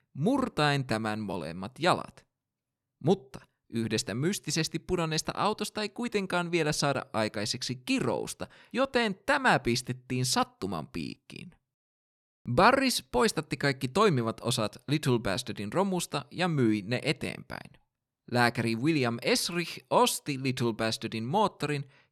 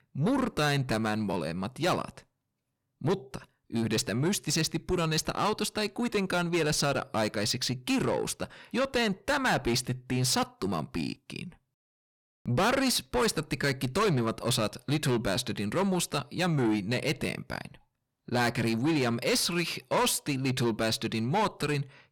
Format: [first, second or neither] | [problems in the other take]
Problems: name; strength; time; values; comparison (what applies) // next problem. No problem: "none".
first | distortion; heavy; 7 dB below the speech